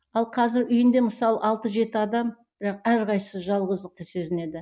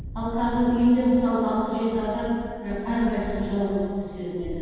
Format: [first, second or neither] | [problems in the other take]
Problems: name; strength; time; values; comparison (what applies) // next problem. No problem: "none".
first | background sound (Wind); 13 dB below the speech // room echo; dies away in 2.1 s